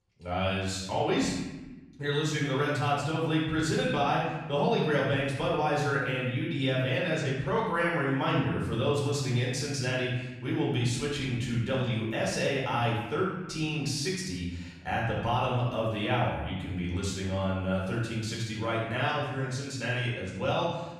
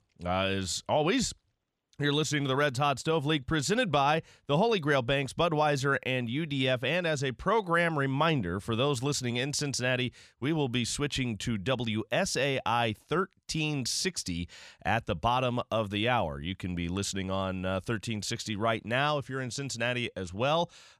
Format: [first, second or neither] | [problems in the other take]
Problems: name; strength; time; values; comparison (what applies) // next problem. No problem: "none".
second | off-mic speech; far // room echo; noticeable; dies away in 1.1 s